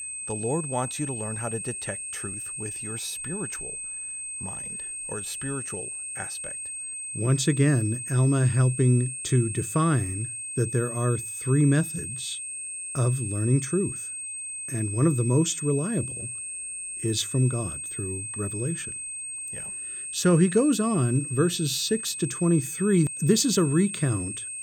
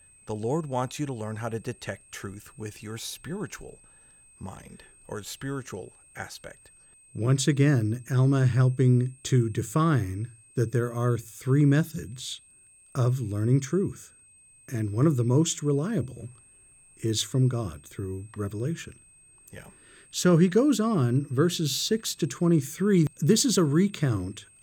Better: second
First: high-pitched whine; loud; throughout; 8.5 kHz, 6 dB below the speech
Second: high-pitched whine; faint; throughout; 8.5 kHz, 30 dB below the speech

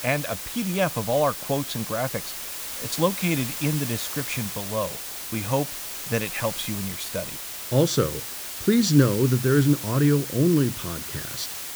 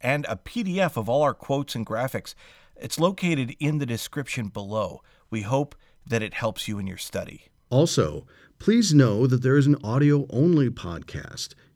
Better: second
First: hiss; loud; throughout; 6 dB below the speech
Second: none

